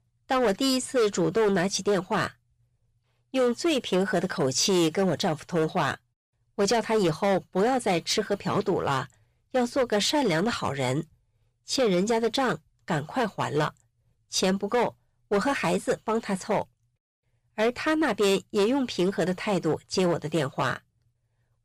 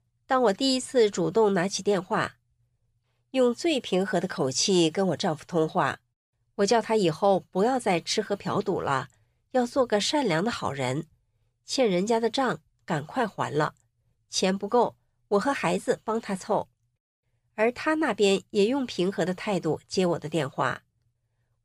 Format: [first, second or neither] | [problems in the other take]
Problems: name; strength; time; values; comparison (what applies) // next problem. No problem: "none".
second | distortion; slight; 9% of the sound clipped